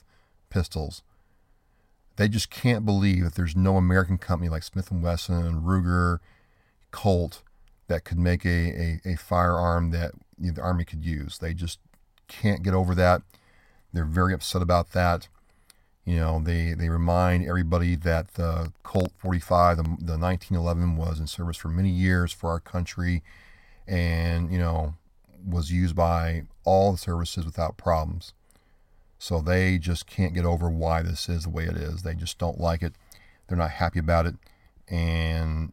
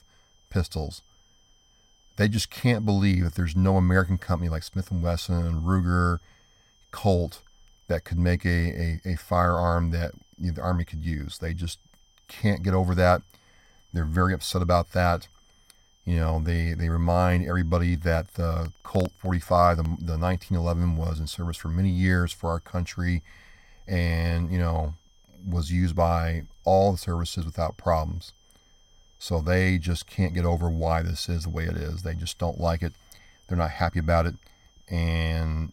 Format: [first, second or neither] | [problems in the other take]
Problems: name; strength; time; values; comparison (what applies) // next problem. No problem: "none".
first | high-pitched whine; faint; throughout; 3 kHz, 35 dB below the speech